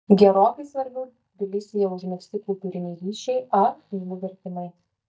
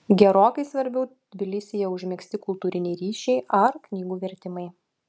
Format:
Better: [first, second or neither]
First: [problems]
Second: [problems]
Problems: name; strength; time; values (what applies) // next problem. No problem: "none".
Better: second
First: noise reduction (neural mask model DeepFilterNet 3)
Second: none